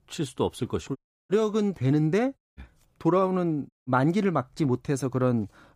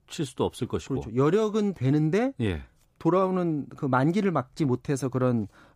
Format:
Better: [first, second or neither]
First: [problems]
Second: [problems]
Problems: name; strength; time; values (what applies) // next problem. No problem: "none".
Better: second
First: audio cutting out; at 1 s, at 2.5 s and at 3.5 s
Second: none